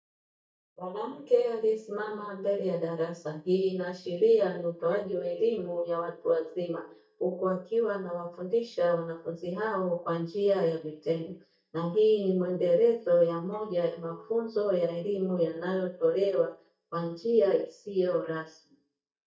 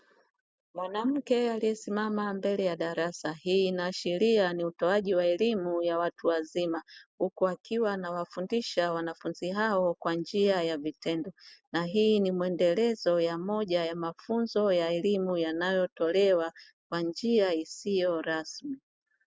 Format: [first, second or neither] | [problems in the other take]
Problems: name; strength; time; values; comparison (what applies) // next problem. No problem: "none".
second | noise reduction (neural mask model DeepFilterNet 3)